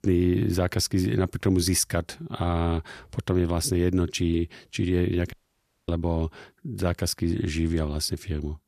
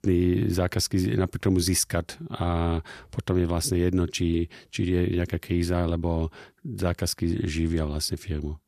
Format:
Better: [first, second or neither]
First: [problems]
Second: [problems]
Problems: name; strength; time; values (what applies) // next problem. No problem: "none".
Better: second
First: audio cutting out; at 5.5 s for 0.5 s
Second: none